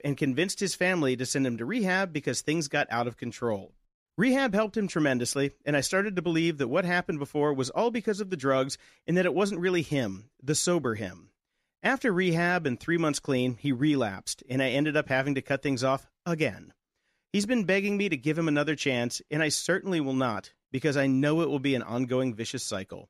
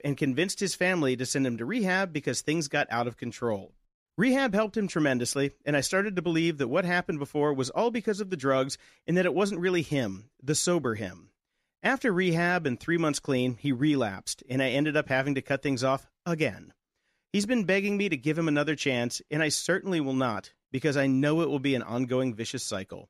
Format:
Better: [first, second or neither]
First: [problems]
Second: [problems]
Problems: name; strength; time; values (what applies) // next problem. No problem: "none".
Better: neither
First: none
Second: none